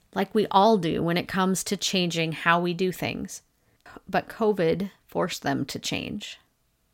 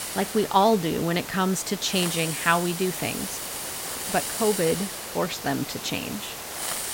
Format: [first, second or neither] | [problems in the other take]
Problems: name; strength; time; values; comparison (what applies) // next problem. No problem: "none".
first | hiss; loud; throughout; 6 dB below the speech